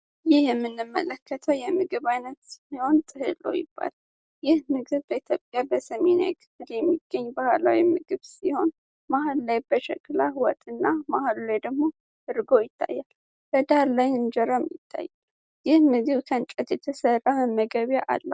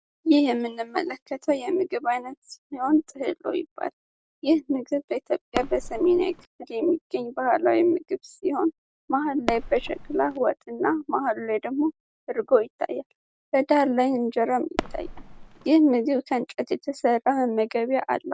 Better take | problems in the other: first | background sound (Fireworks); 9 dB below the speech

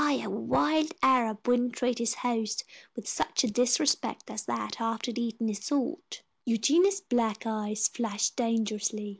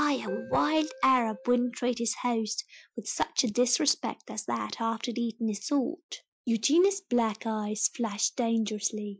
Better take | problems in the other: first | noise reduction (classical method Wiener filter)

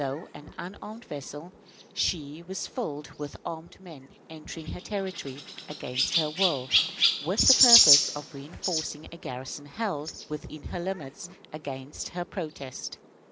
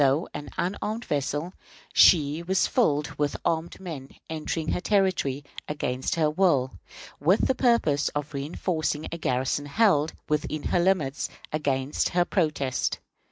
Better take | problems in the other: second | background sound (Chirp, tweet); 3 dB above the speech

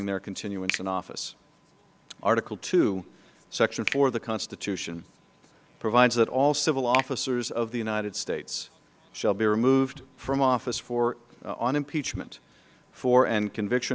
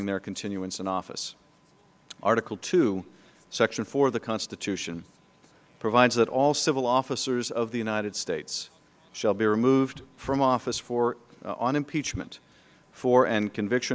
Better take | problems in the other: second | background sound (Finger snapping); 14 dB below the speech

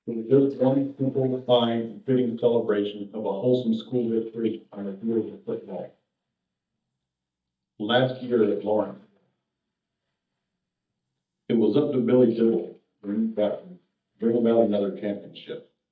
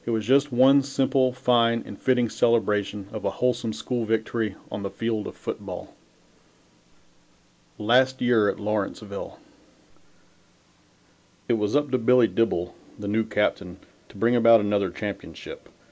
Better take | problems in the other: second | noise reduction (neural mask model DeepFilterNet 3)

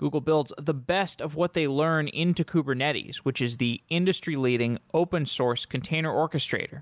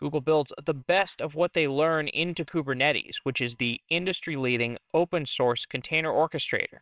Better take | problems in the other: first | noise reduction (neural separator model SepFormer WHAMR!)

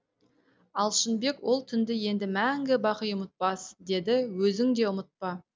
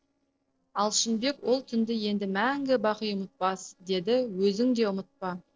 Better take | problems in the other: first | noise reduction (neural separator model SepFormer DNS4)

